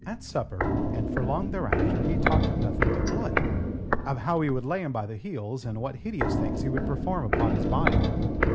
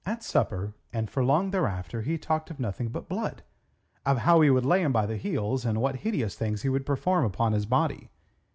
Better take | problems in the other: second | background sound (Walk, footsteps); 5 dB above the speech

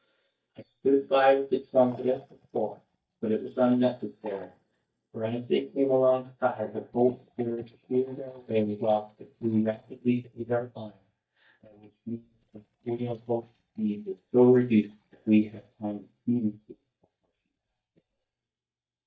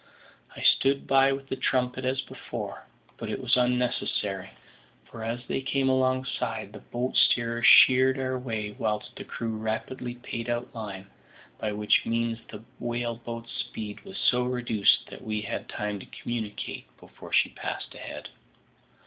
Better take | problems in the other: second | noise reduction (neural mask model DeepFilterNet 3)

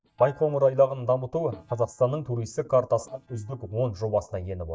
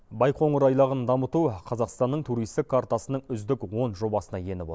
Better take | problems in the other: second | noise reduction (neural mask model DeepFilterNet 3)

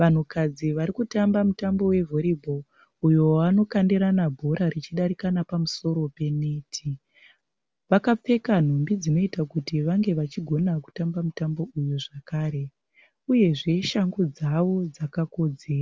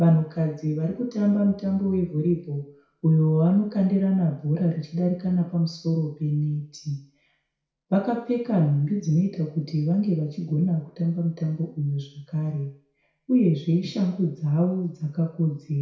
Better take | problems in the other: first | room echo; dies away in 0.6 s

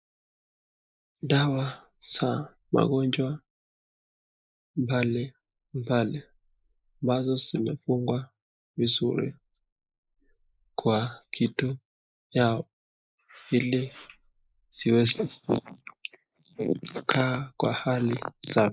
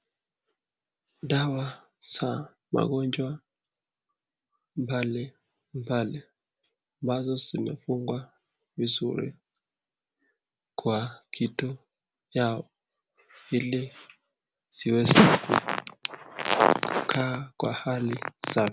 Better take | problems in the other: second | noise reduction (neural mask model Resemble Enhance denoiser)

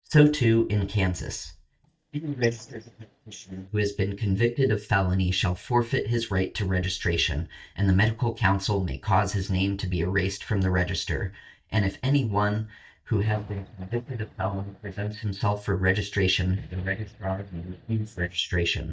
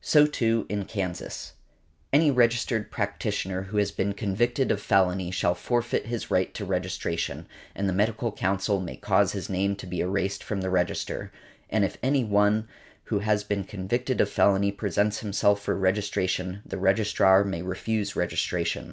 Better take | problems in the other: second | noise reduction (neural mask model DeepFilterNet 3)

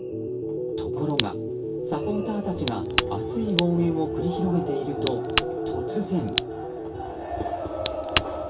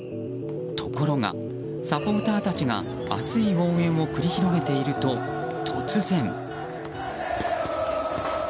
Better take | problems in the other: second | background sound (Crack); 6 dB below the speech // room echo; dies away in 0.2 s

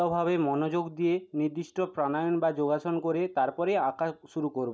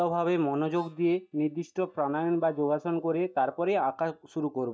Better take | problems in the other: first | noise reduction (neural mask model DeepFilterNet 3)

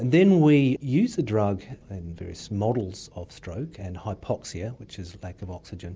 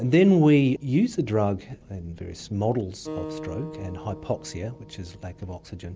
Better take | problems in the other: first | background sound (Acoustic guitar); 17 dB below the speech

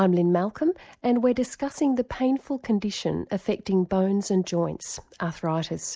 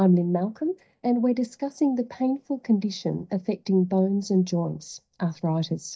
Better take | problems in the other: first | noise reduction (neural mask model DeepFilterNet 3)

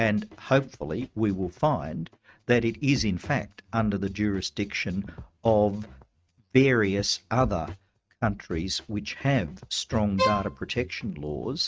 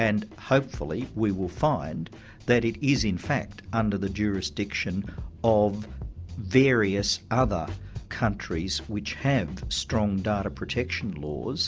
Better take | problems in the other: second | noise reduction (neural mask model RNNoise)

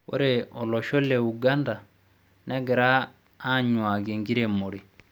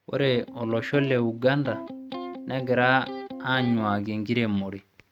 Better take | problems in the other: first | noise reduction (neural mask model RNNoise)

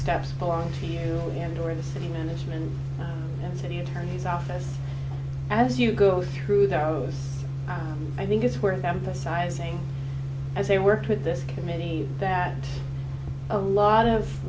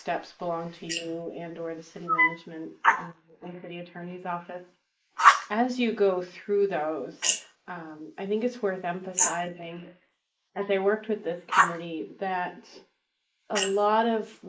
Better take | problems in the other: first | noise reduction (neural mask model Resemble Enhance denoiser)

